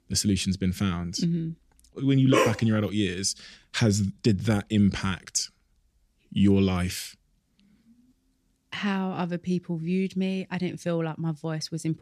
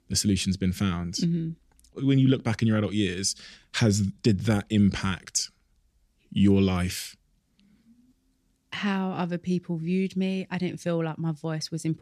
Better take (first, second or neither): second